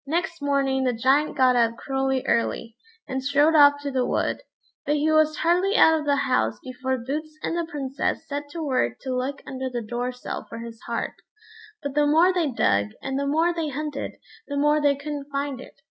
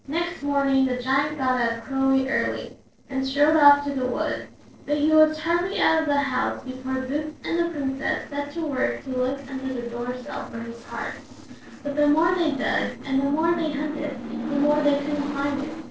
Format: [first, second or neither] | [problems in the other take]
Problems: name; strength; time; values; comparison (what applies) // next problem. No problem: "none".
first | noise reduction (neural separator model SepFormer DNS4)